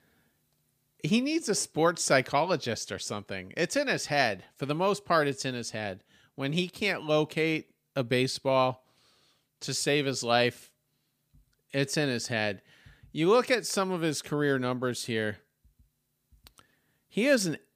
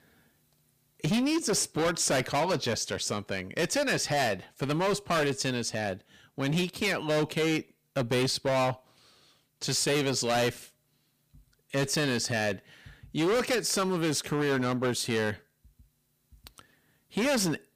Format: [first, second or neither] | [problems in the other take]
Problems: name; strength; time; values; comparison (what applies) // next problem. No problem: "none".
first | distortion; heavy; 14% of the sound clipped